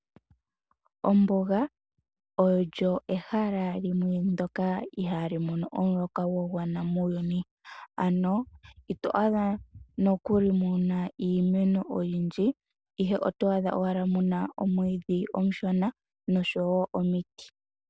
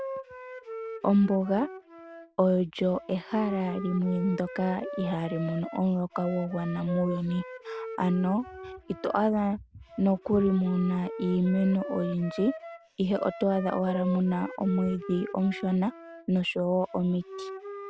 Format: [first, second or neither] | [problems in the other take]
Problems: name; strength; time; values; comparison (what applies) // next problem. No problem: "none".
first | background sound (Wind instrument, woodwind instrument); 12 dB below the speech